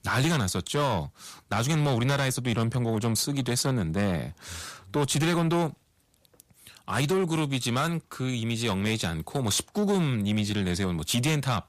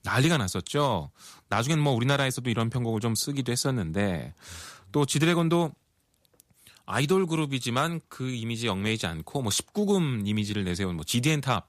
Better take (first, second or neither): second